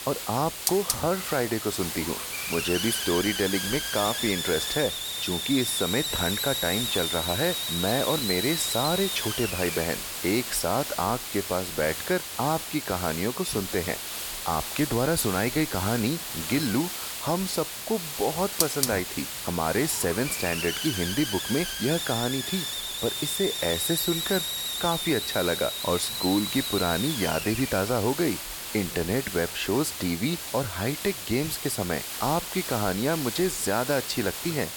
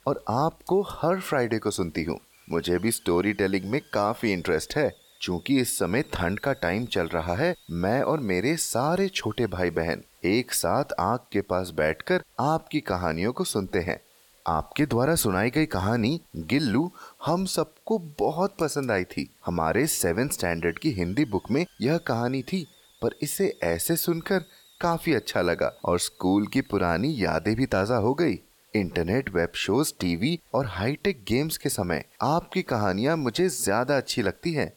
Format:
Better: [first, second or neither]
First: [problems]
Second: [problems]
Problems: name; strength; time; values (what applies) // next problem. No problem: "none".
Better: second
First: hiss; loud; throughout; 2 dB below the speech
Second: hiss; faint; throughout; 30 dB below the speech